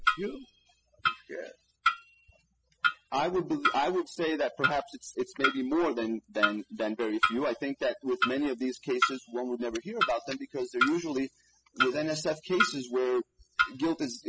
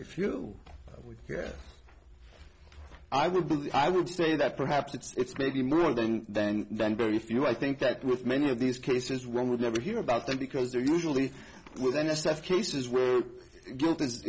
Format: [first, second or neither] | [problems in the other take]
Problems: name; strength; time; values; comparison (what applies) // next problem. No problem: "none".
second | noise reduction (classical method spectral subtraction)